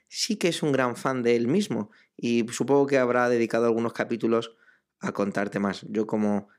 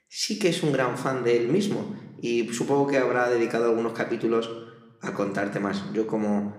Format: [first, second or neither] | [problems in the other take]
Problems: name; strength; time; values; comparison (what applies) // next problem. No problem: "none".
first | room echo; slight; dies away in 0.8 s